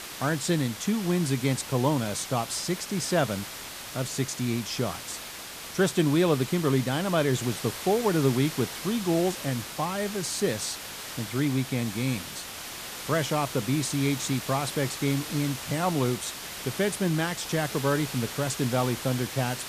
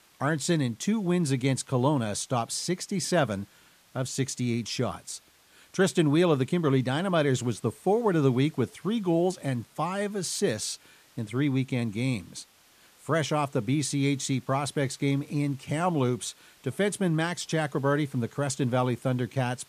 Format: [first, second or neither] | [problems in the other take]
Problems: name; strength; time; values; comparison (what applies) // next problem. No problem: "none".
second | hiss; loud; throughout; 8 dB below the speech; faint in the second